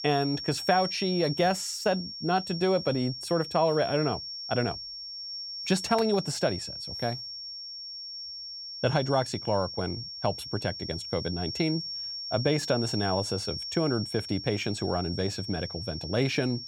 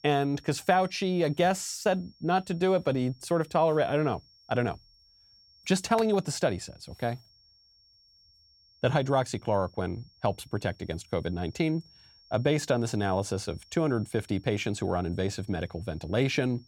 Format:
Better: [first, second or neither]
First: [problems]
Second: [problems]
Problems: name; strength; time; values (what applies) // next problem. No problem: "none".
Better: second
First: high-pitched whine; loud; throughout; 5.5 kHz, 6 dB below the speech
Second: high-pitched whine; faint; throughout; 5.5 kHz, 30 dB below the speech